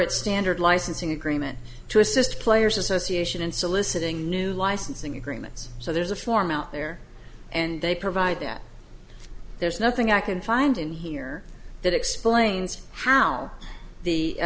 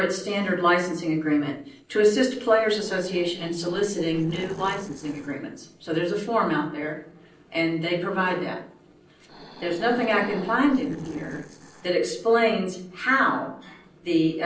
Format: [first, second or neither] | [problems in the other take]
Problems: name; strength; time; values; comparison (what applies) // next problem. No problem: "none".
first | noise reduction (neural separator model SepFormer DNS4)